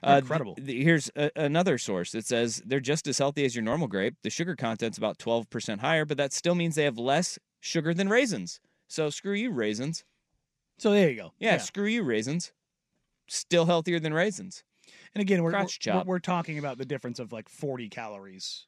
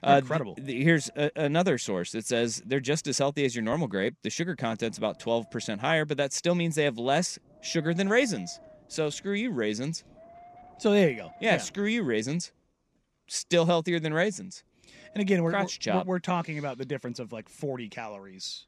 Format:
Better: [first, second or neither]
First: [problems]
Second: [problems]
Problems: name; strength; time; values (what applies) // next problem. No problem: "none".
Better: first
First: none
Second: wind noise on the microphone; occasional gusts; 25 dB below the speech